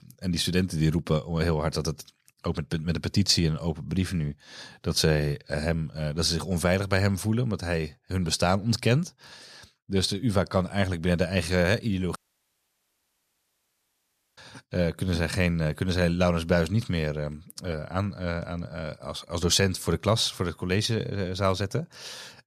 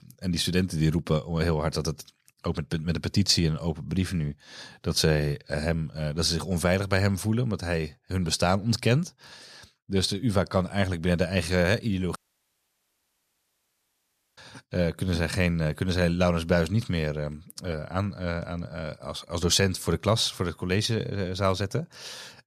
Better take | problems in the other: neither | audio cutting out; at 12 s for 2 s; the same in both

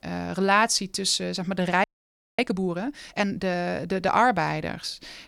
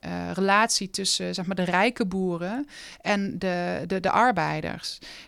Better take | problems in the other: second | audio freezing; at 2 s for 0.5 s

